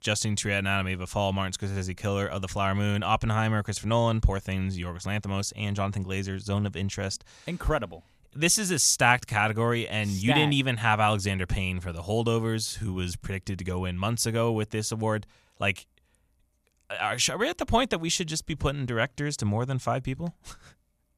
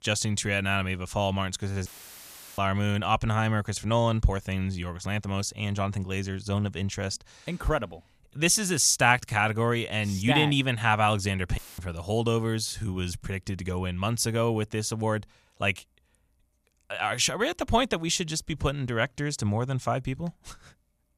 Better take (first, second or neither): first